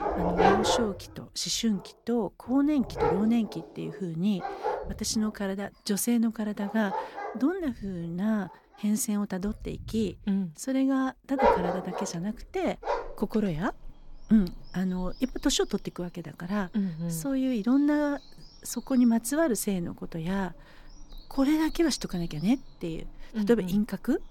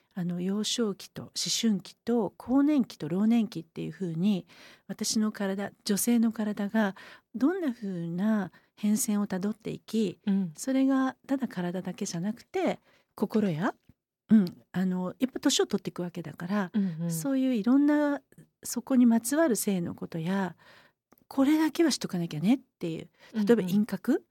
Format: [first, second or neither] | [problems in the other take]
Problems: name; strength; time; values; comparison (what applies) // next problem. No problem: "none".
second | animal sounds; loud; throughout; 2 dB below the speech